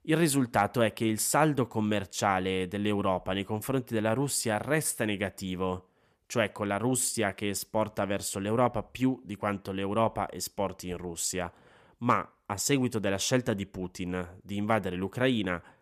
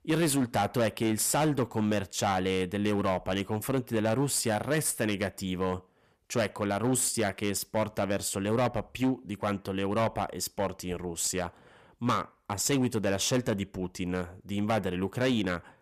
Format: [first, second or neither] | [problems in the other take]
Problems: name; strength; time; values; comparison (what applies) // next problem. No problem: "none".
first | distortion; slight; 7% of the sound clipped